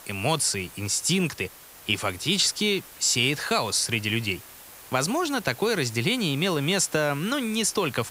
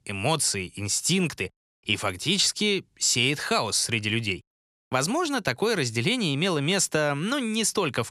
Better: second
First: hiss; noticeable; throughout; 20 dB below the speech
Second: none

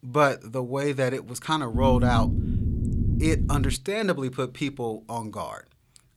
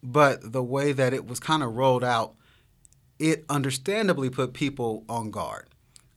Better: second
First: low rumble; loud; from 1.5 to 4 s; 8 dB below the speech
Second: none

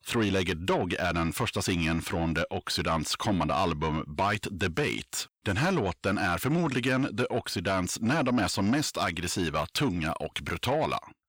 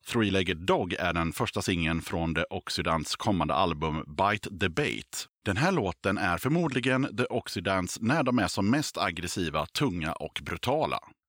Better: second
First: distortion; slight; 10 dB below the speech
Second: none

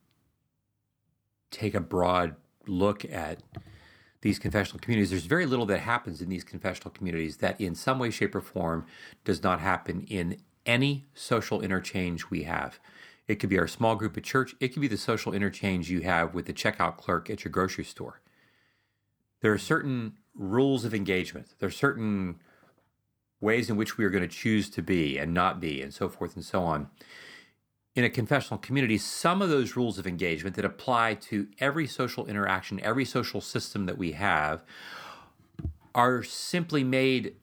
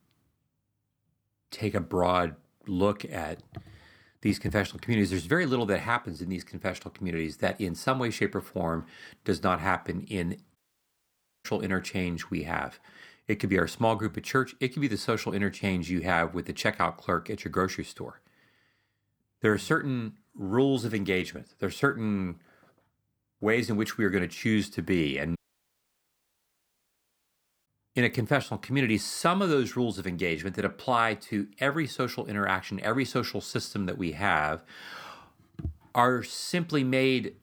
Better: first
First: none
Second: audio cutting out; at 11 s for 1 s and at 25 s for 2.5 s

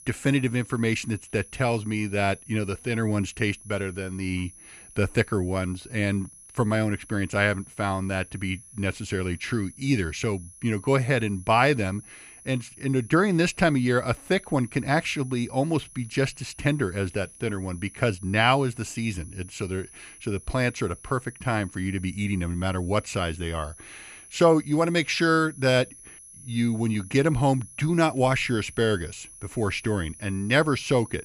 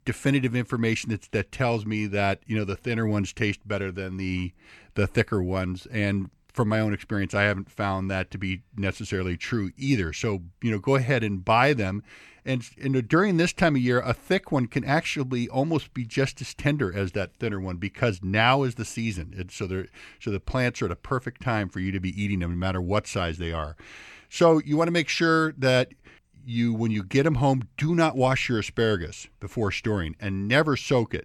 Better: second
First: high-pitched whine; noticeable; throughout; 10.5 kHz, 20 dB below the speech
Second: none

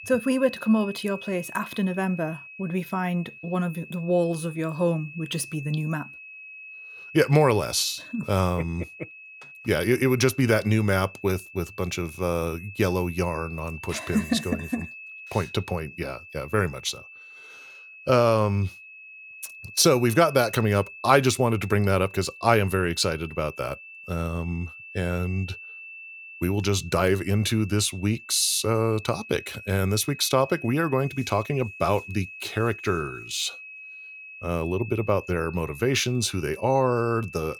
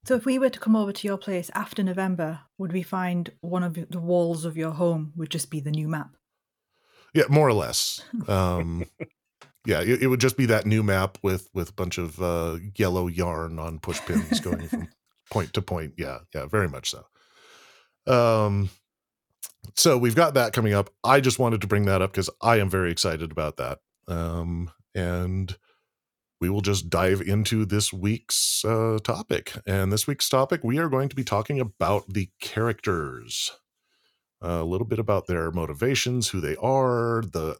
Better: second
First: high-pitched whine; noticeable; throughout; 2.5 kHz, 15 dB below the speech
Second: none

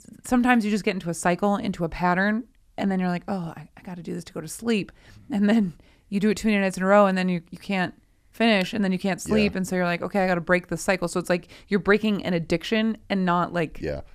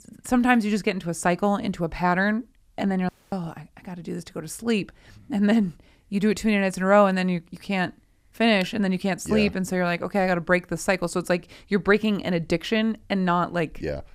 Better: first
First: none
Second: audio cutting out; at 3 s

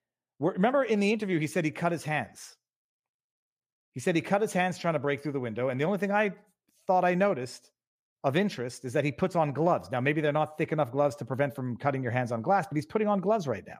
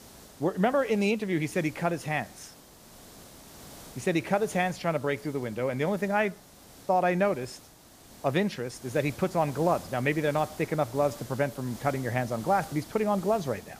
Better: first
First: none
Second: hiss; noticeable; throughout; 20 dB below the speech

